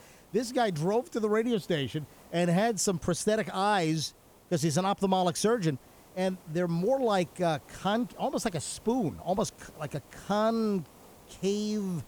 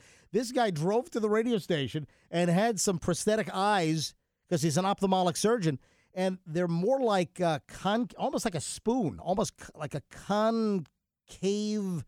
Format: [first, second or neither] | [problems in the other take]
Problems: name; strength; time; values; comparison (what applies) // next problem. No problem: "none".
second | hiss; faint; throughout; 25 dB below the speech